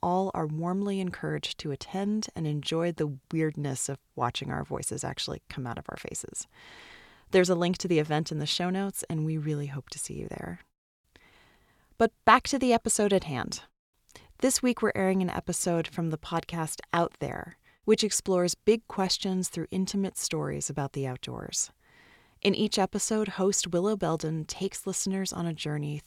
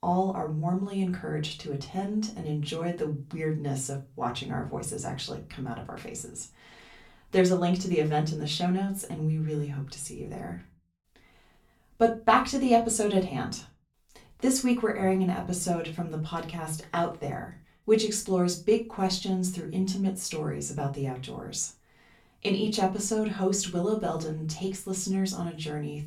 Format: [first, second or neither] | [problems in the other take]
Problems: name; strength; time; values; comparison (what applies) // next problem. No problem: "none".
first | off-mic speech; far // room echo; very slight; dies away in 0.3 s